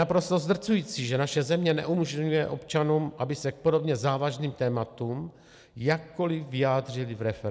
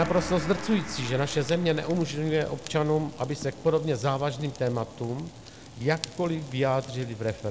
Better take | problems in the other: first | background sound (Gong + Fire); 13 dB below the speech

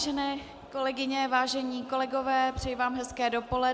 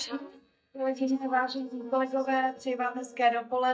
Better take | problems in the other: first | noise reduction (neural mask model DeepFilterNet 3)

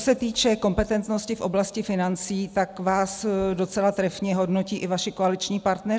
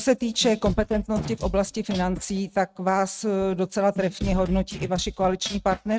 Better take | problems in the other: first | noise reduction (neural mask model RNNoise)

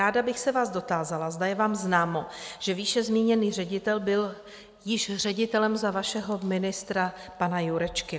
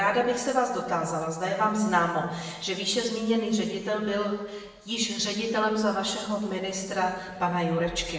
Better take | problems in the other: first | room echo; dies away in 1 s

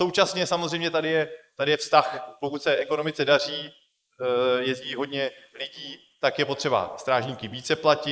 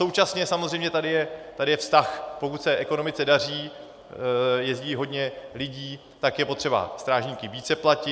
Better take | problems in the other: second | noise reduction (neural mask model Resemble Enhance denoiser)

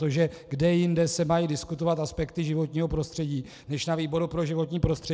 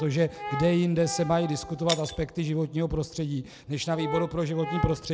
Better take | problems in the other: first | background sound (Brass instrument + Shatter); 11 dB below the speech

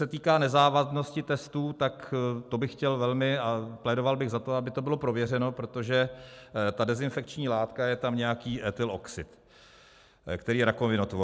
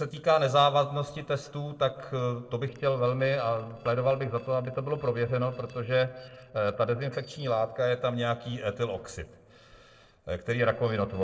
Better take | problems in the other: first | noise reduction (neural separator model SepFormer DNS4)

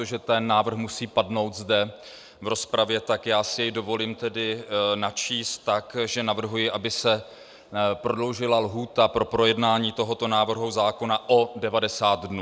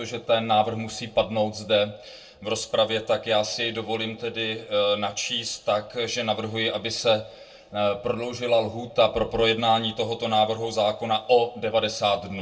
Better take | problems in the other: first | room echo; dies away in 0.2 s

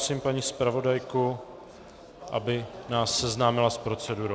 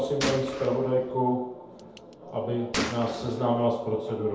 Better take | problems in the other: first | background sound (Gunshot, gunfire); 9 dB below the speech // room echo; dies away in 0.8 s

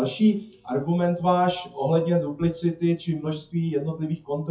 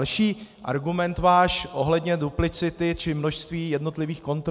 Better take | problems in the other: second | noise reduction (classical method WPE with log-MMSE)

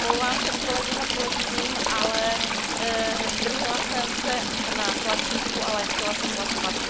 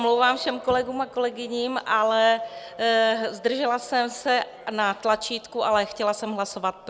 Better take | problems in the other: second | background sound (Stream / Trickle, dribble); 4 dB above the speech

